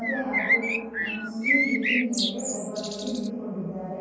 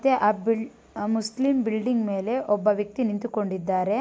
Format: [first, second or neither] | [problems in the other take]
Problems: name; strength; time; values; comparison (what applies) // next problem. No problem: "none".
second | background sound (Bird); 2 dB above the speech // room echo; dies away in 2 s